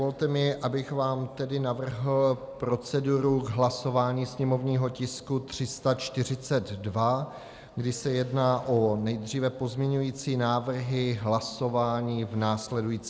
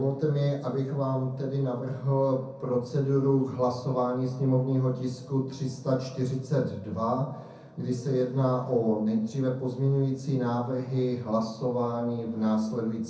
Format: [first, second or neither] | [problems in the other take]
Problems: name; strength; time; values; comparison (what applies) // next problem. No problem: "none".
first | room echo; dies away in 0.6 s